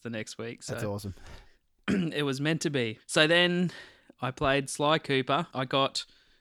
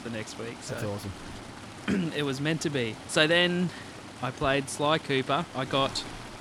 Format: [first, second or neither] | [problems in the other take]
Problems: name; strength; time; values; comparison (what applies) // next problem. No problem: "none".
first | rain or running water; noticeable; throughout; 15 dB below the speech